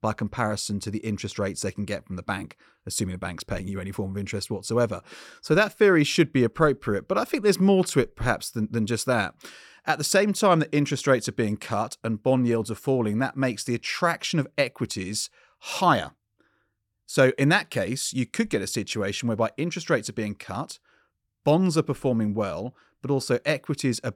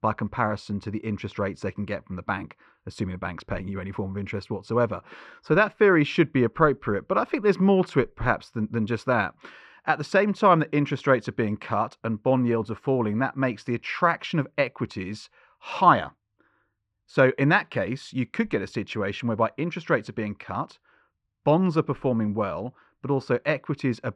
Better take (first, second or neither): first